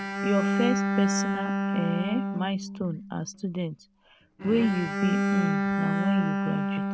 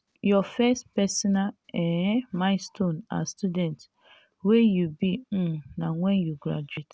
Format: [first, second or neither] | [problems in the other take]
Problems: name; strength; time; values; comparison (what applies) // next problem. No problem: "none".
second | background sound (Bowed string instrument); 1 dB above the speech